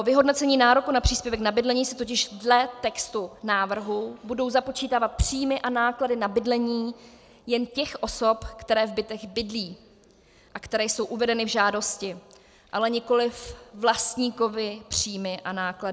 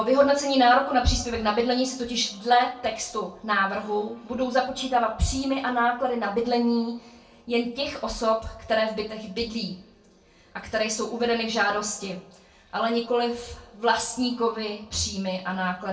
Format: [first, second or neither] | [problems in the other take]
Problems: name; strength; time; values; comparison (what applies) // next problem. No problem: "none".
first | room echo; dies away in 0.3 s